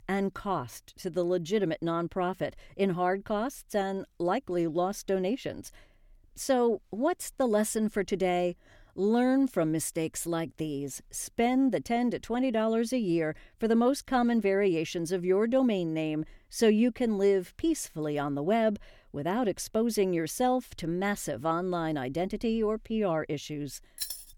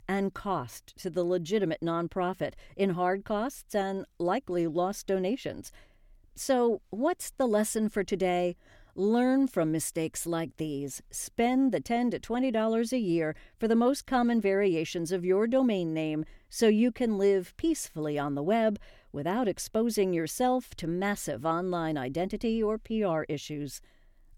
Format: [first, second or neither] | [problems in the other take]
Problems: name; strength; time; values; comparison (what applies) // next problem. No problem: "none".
second | jangling keys; noticeable; at 24 s; peak 6 dB below the speech